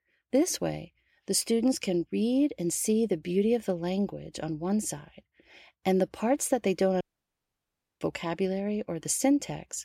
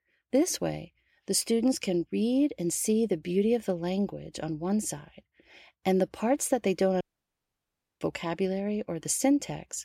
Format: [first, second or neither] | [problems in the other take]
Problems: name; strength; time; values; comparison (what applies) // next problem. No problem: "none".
neither | audio cutting out; at 7 s for 1 s; the same in both